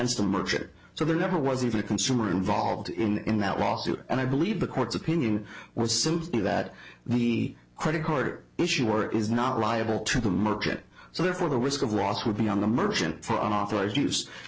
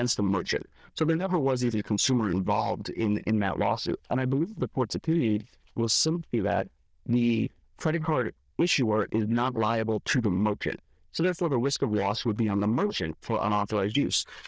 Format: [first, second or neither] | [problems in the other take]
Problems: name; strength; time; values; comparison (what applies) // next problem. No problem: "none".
first | noise reduction (neural diffusion model UNIVERSE++)